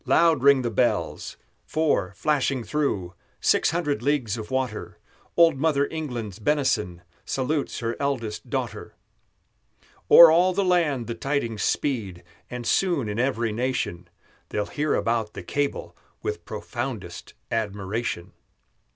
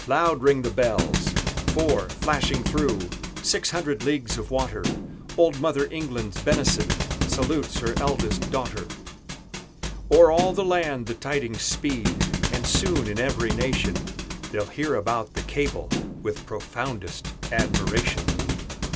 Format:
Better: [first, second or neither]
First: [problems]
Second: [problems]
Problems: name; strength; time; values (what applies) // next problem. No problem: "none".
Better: first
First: none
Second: background sound (Thump, thud); 3 dB below the speech